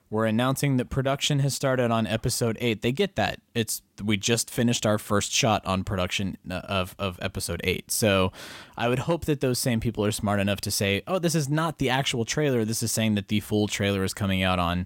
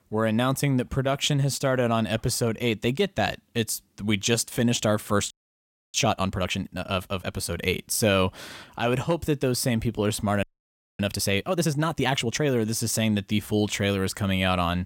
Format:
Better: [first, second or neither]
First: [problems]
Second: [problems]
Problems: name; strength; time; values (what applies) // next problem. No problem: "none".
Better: first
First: none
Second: audio freezing; at 5.5 s for 0.5 s and at 10 s for 0.5 s